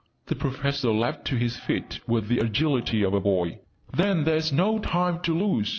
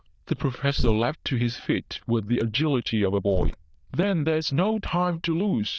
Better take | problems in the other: first | noise reduction (neural diffusion model UNIVERSE++)

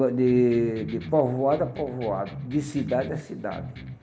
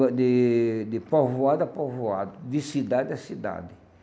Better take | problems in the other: second | background sound (Electric guitar); 13 dB below the speech // room echo; dies away in 0.8 s

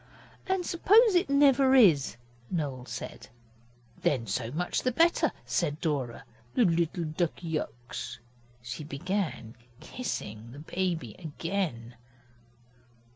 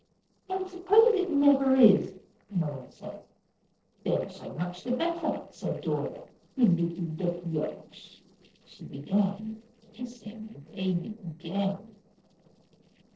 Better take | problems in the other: first | noise reduction (neural separator model SepFormer DNS4)

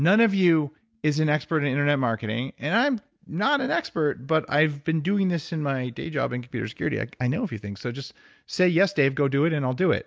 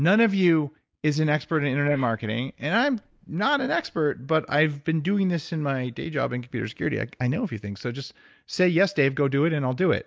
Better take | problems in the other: first | noise reduction (neural mask model Resemble Enhance denoiser)

